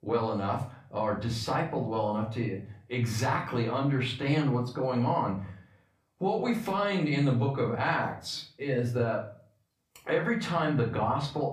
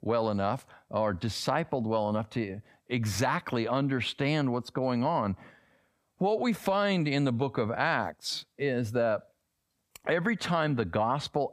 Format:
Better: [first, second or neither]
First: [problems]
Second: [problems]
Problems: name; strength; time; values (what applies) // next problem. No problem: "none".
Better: second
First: room echo; slight; dies away in 0.4 s // off-mic speech; far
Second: none